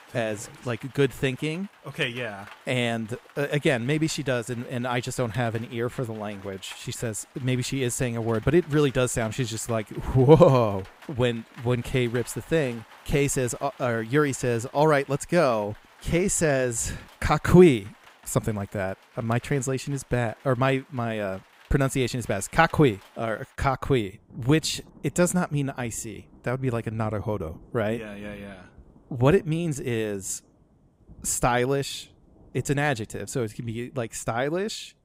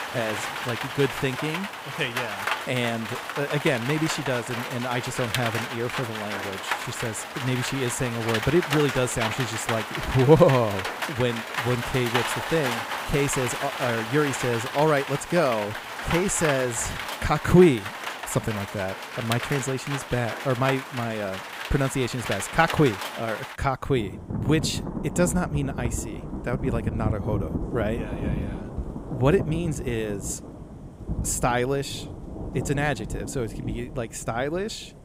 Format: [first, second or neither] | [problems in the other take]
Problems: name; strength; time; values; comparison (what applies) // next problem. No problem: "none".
first | rain or running water; loud; throughout; 5 dB below the speech; faint in the first